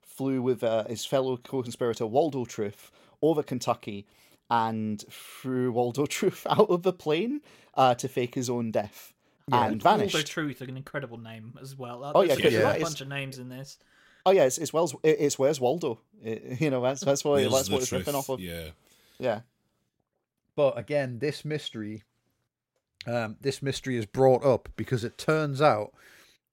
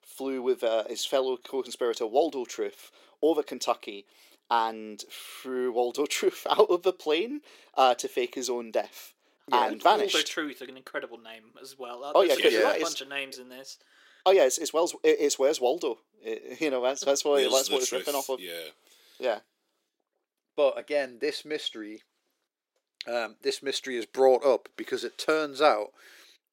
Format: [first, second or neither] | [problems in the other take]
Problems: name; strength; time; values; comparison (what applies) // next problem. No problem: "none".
first | thin; somewhat; fading below 350 Hz